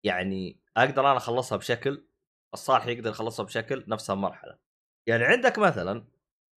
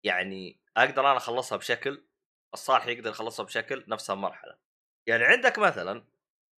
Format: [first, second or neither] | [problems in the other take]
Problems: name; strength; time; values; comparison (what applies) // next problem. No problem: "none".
first | thin; somewhat; fading below 950 Hz